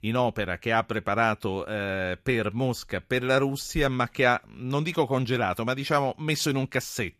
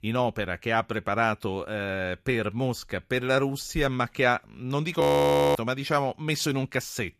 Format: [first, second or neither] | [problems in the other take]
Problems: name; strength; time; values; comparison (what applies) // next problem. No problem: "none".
first | audio freezing; at 5 s for 0.5 s